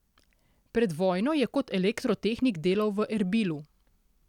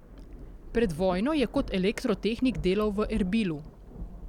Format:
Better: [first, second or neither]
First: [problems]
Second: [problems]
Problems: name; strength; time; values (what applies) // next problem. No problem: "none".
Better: first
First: none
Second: background sound (Thunder / Rain); 11 dB below the speech